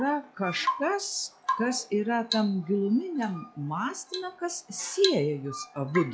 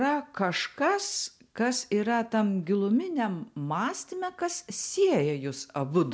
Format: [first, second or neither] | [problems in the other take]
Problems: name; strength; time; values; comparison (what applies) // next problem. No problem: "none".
second | noise reduction (classical method log-MMSE)